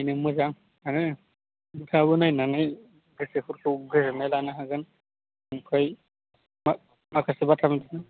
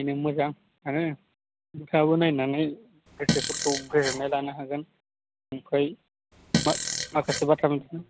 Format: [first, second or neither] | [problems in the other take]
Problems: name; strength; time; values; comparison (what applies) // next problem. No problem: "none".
first | background sound (Fart); 2 dB below the speech